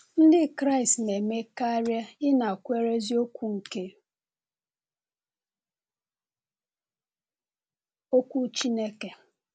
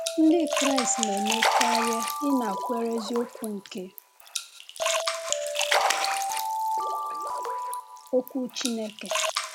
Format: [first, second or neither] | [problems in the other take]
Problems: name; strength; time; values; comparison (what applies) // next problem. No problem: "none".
first | background sound (Splash, splatter + Alarm); 2 dB above the speech